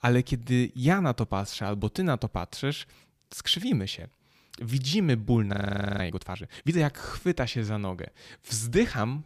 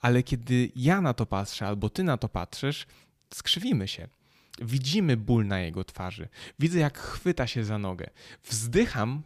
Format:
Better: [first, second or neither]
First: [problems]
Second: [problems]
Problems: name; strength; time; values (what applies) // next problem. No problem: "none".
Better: second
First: audio freezing; at 5.5 s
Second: none